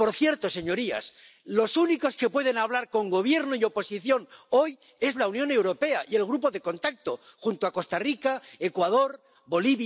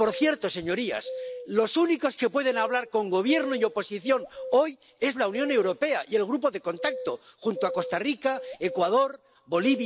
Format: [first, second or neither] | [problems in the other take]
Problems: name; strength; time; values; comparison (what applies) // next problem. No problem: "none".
first | background sound (Bird vocalization, bird call, bird song); 12 dB below the speech